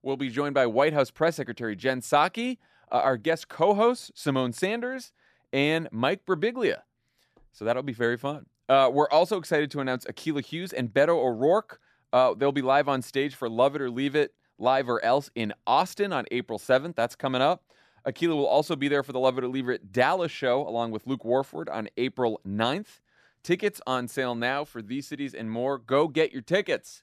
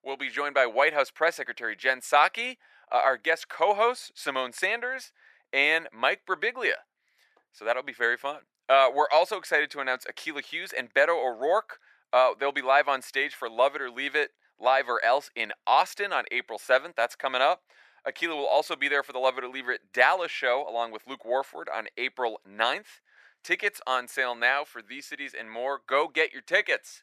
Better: first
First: none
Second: thin; very; fading below 650 Hz

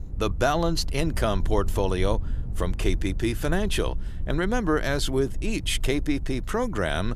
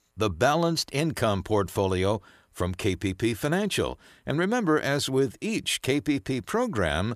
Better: second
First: low rumble; faint; throughout; 25 dB below the speech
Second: none

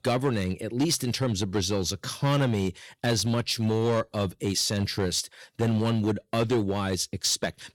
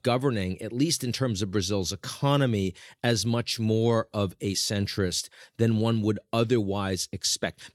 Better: second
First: distortion; slight; 7% of the sound clipped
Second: none

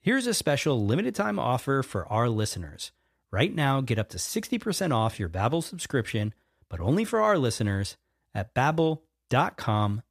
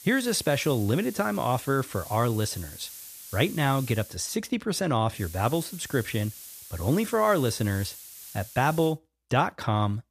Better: first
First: none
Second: hiss; noticeable; until 4 s and from 5 to 9 s; 15 dB below the speech

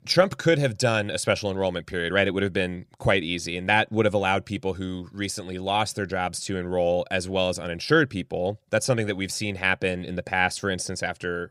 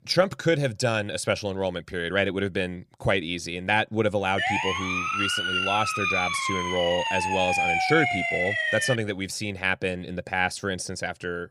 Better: first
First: none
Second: siren; loud; from 4.5 to 9 s; peak 4 dB above the speech

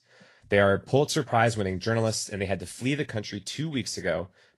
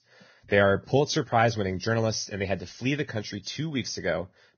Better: first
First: garbled, watery; slightly; nothing above 11.5 kHz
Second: garbled, watery; badly; nothing above 6.5 kHz

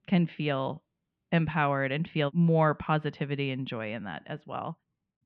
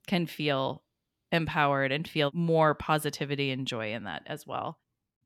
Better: second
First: muffled; slightly; fading above 3 kHz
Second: none

